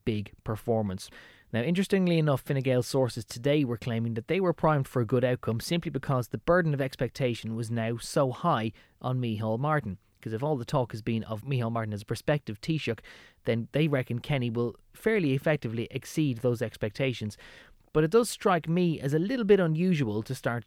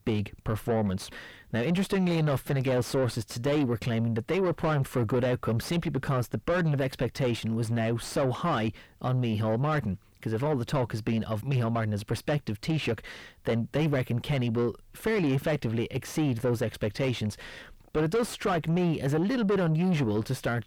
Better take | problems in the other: first | distortion; heavy; 7 dB below the speech

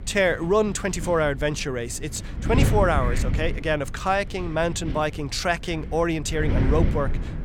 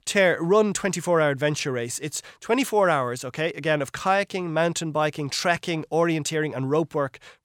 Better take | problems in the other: second | wind noise on the microphone; occasional gusts; 10 dB below the speech

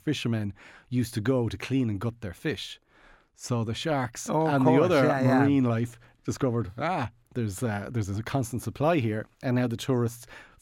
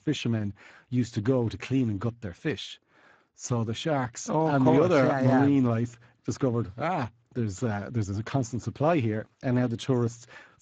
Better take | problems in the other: first | garbled, watery; badly; nothing above 7.5 kHz

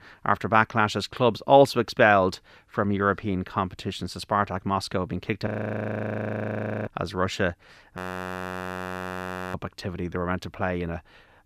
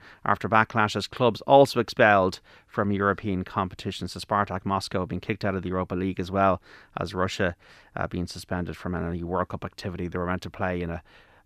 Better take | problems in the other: second | audio freezing; at 5.5 s for 1.5 s and at 8 s for 1.5 s

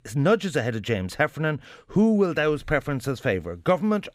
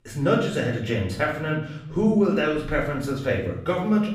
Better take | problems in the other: first | room echo; noticeable; dies away in 0.6 s // off-mic speech; far

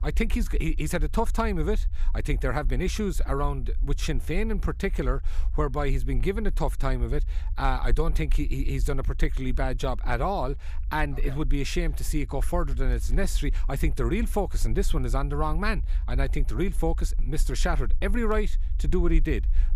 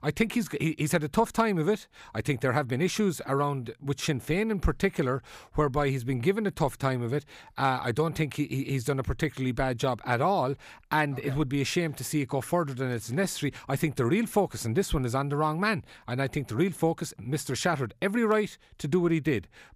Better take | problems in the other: second | low rumble; faint; throughout; 25 dB below the speech

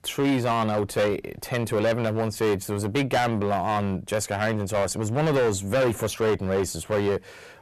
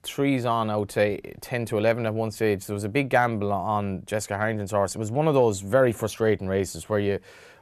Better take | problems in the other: second | distortion; heavy; 14% of the sound clipped

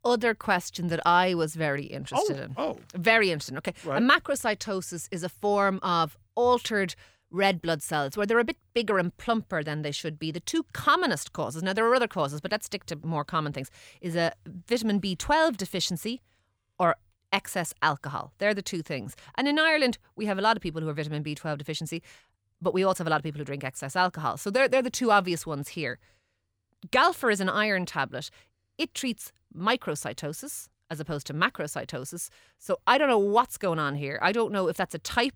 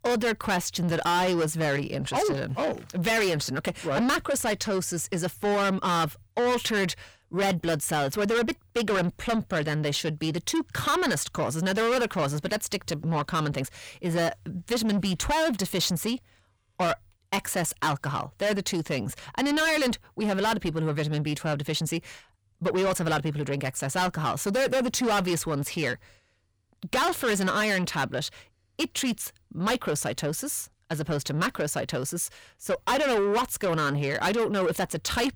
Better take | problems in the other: first | distortion; heavy; 6 dB below the speech

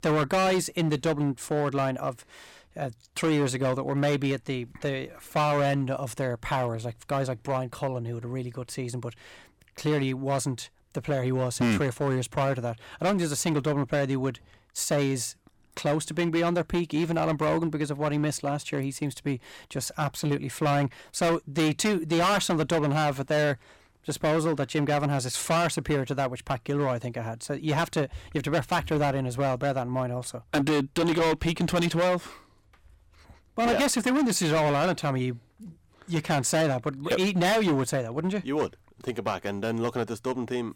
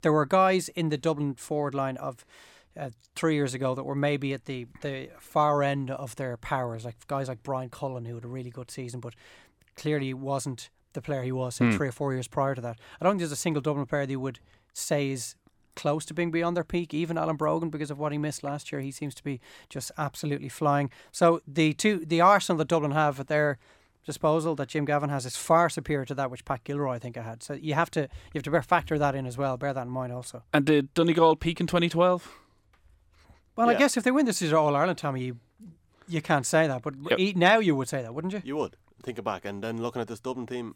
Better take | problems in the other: second | distortion; heavy; 12% of the sound clipped

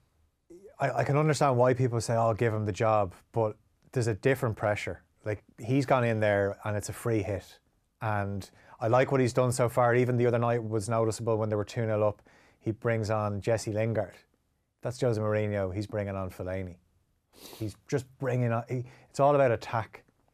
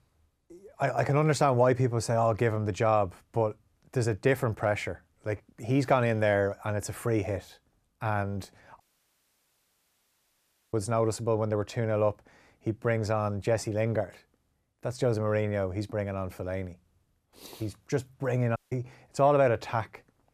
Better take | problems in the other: first | audio cutting out; at 9 s for 2 s and at 19 s

